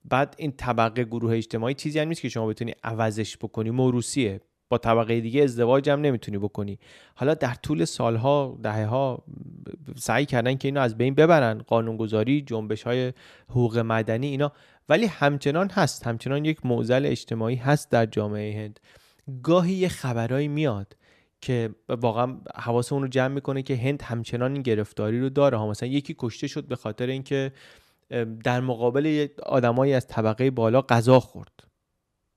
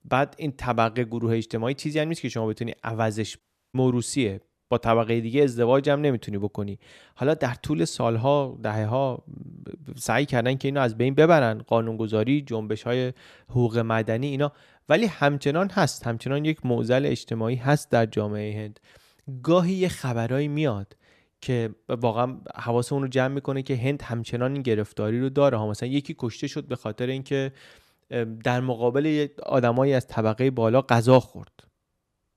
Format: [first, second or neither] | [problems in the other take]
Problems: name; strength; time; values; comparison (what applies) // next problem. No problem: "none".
first | audio cutting out; at 3.5 s